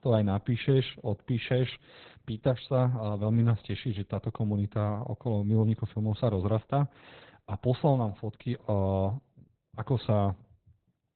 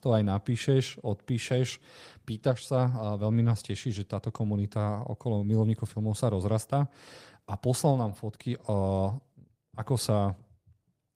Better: second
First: garbled, watery; badly; nothing above 4 kHz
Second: garbled, watery; slightly; nothing above 15.5 kHz

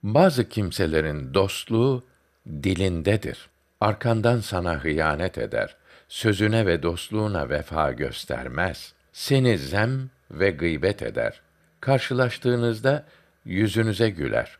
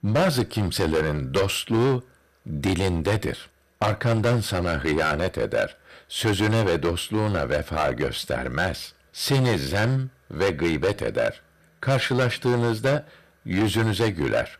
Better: first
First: none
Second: distortion; heavy; 10% of the sound clipped

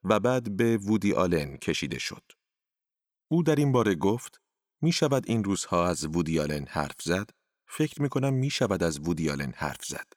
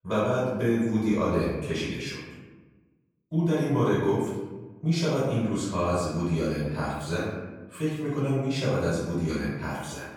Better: first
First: none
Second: off-mic speech; far // room echo; strong; dies away in 1.2 s

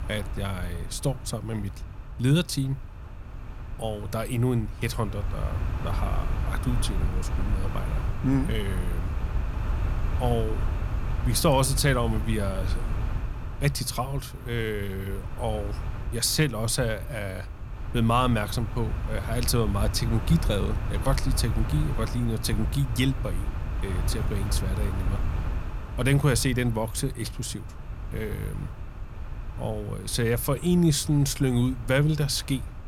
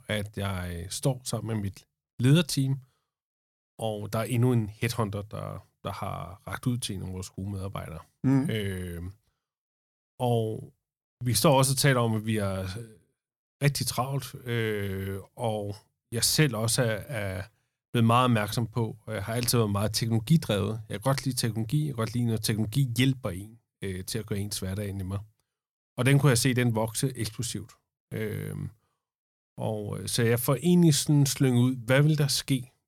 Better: second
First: wind noise on the microphone; occasional gusts; 10 dB below the speech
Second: none

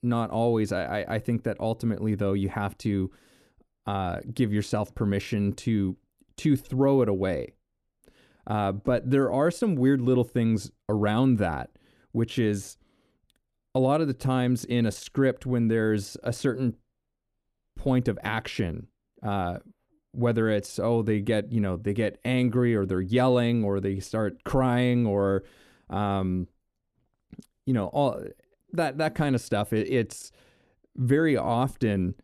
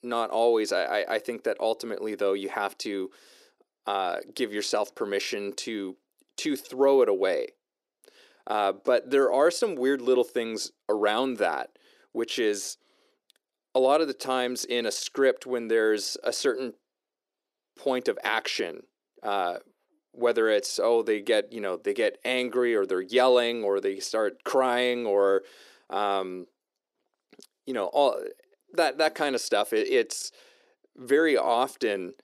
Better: first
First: none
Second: thin; very; fading below 400 Hz

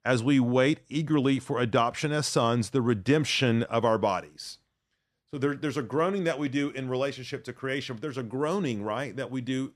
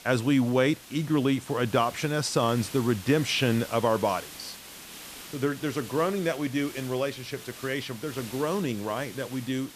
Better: first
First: none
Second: hiss; noticeable; throughout; 15 dB below the speech

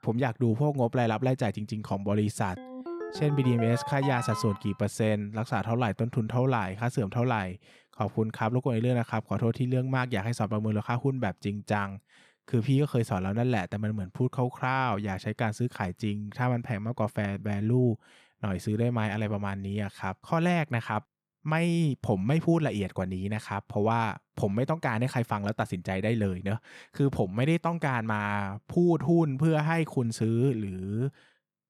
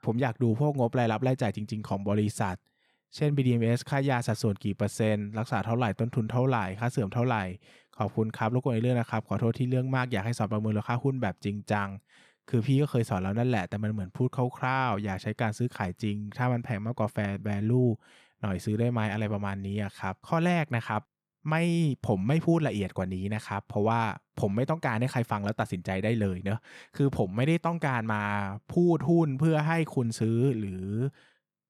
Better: second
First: phone ringing; noticeable; from 2.5 to 4.5 s; peak 6 dB below the speech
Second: none

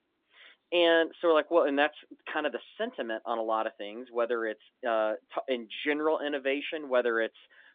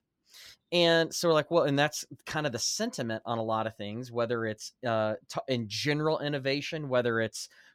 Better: second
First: phone-call audio; nothing above 3 kHz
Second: none

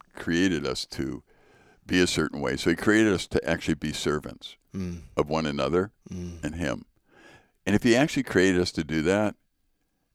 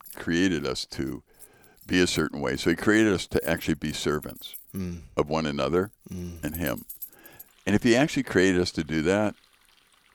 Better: first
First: none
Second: household noises; noticeable; throughout; 20 dB below the speech

